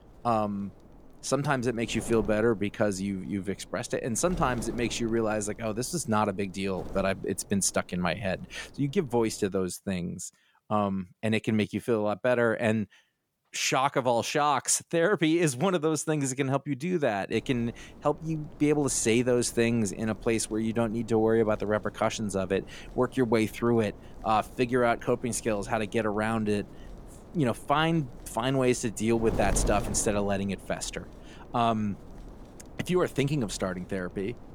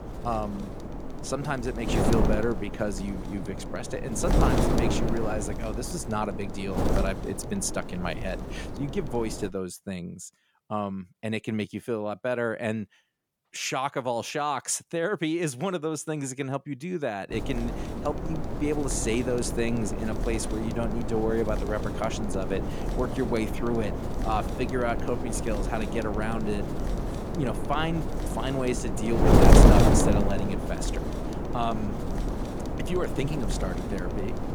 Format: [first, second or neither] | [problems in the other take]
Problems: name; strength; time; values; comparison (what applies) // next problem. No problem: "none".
first | wind noise on the microphone; heavy; until 9.5 s and from 17 s on; 1 dB below the speech; occasional gusts in the first